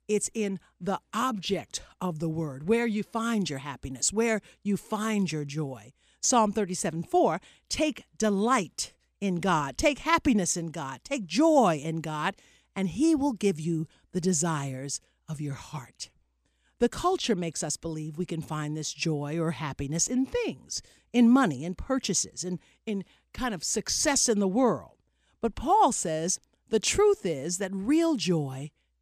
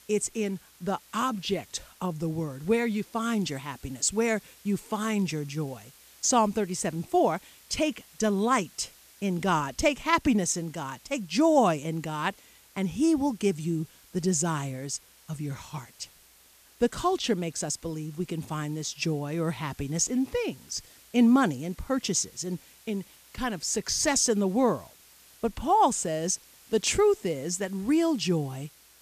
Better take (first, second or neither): first